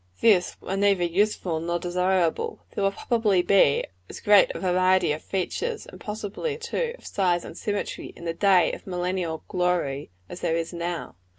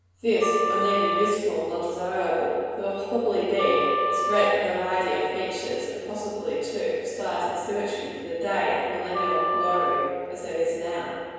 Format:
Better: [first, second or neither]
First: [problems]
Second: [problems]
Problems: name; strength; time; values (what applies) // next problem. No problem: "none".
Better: first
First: none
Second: background sound (Wind instrument, woodwind instrument); 2 dB below the speech // room echo; dies away in 1.9 s